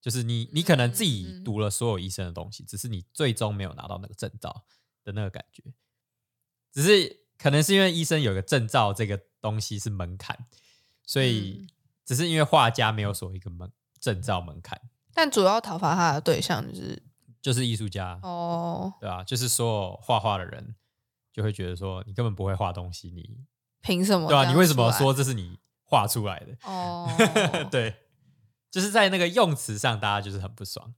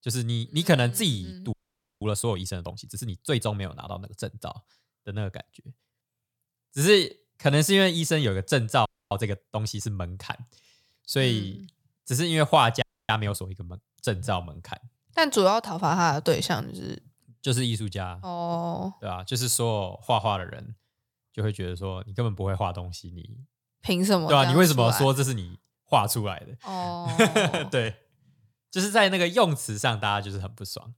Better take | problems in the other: first | audio freezing; at 1.5 s, at 9 s and at 13 s

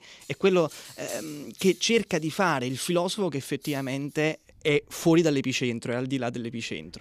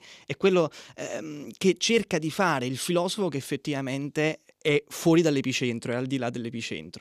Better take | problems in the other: second | household noises; noticeable; throughout; 20 dB below the speech

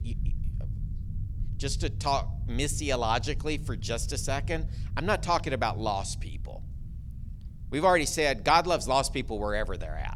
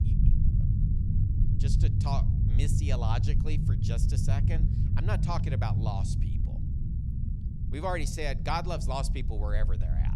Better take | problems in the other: first | low rumble; loud; throughout; 6 dB below the speech; faint in the first

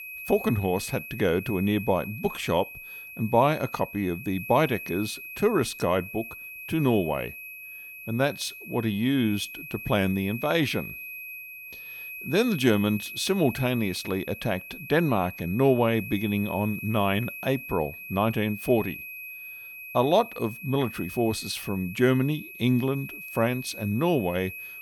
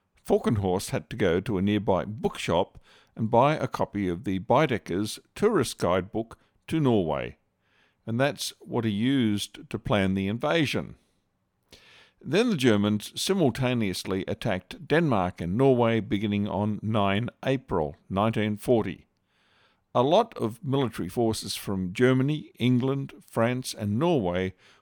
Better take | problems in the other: second | high-pitched whine; noticeable; throughout; 2.5 kHz, 10 dB below the speech

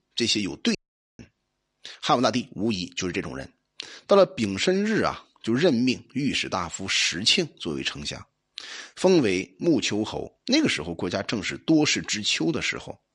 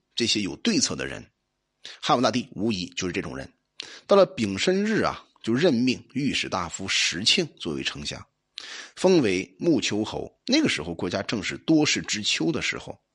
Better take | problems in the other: second | audio cutting out; at 1 s

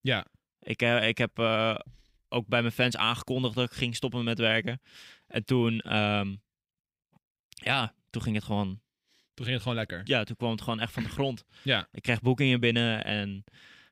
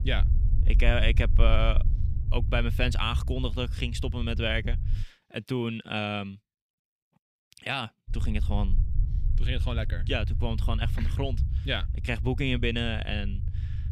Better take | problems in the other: first | low rumble; noticeable; until 5 s and from 8 s on; 15 dB below the speech

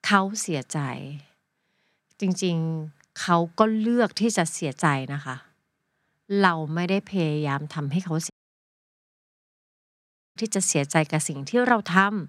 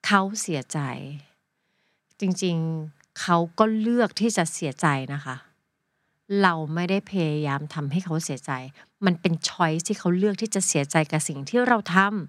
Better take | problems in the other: second | audio cutting out; at 8.5 s for 2 s

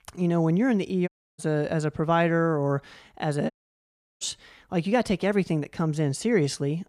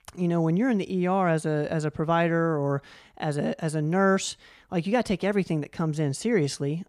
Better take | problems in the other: second | audio cutting out; at 1 s and at 3.5 s for 0.5 s

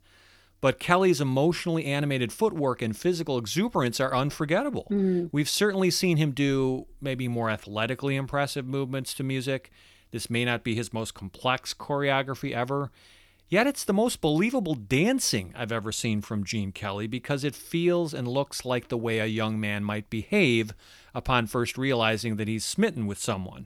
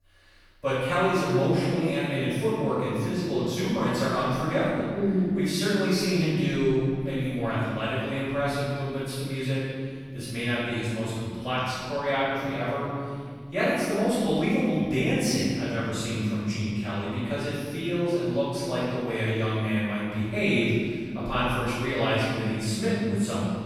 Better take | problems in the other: first | off-mic speech; far // room echo; strong; dies away in 2 s

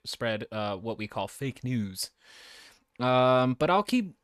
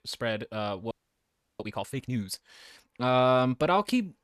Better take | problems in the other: first | audio freezing; at 1 s for 0.5 s

